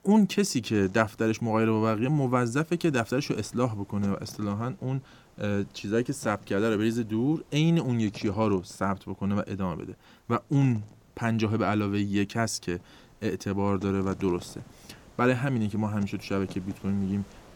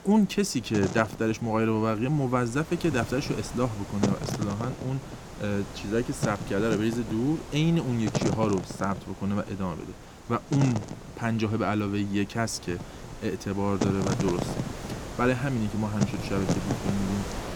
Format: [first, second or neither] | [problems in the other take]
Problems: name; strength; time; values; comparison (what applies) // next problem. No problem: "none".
first | wind noise on the microphone; heavy; 7 dB below the speech; occasional gusts in the first